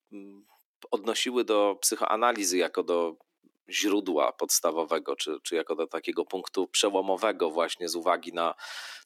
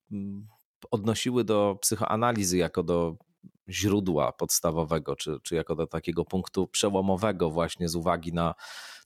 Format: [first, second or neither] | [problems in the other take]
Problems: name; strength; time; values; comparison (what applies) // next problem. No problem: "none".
second | thin; somewhat; fading below 300 Hz